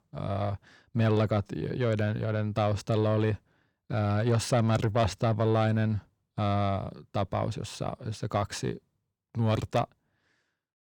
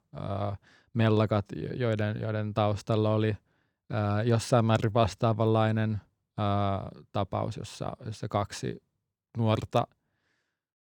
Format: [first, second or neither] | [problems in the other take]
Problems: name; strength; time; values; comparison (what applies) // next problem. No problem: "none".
second | distortion; slight; 10 dB below the speech